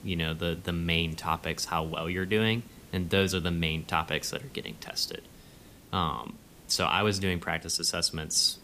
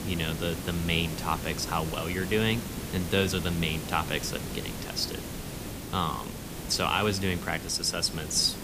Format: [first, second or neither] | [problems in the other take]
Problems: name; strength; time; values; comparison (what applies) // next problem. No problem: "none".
first | hiss; loud; throughout; 7 dB below the speech; faint in the first